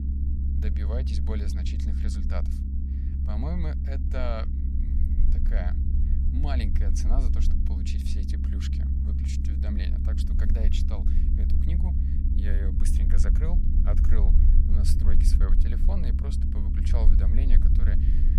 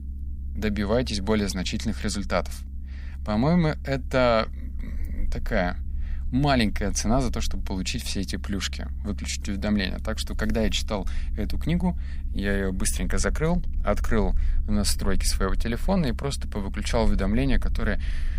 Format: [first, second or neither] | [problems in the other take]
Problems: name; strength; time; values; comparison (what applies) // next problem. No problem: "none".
second | low rumble; loud; throughout; 2 dB below the speech; faint in the second